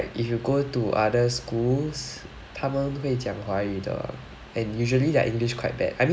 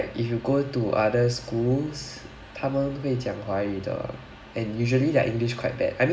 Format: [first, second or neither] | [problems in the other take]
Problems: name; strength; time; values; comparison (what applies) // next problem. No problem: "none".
first | room echo; dies away in 0.6 s